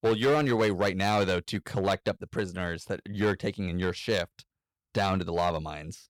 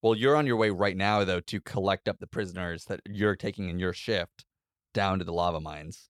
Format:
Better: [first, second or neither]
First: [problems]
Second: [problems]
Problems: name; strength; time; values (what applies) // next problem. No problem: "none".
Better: second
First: distortion; slight; 4% of the sound clipped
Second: none